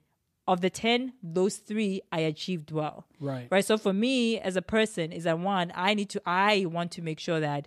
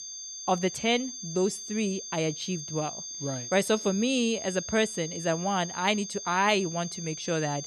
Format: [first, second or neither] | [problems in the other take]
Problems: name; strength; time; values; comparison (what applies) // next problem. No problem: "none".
first | high-pitched whine; loud; throughout; 6.5 kHz, 8 dB below the speech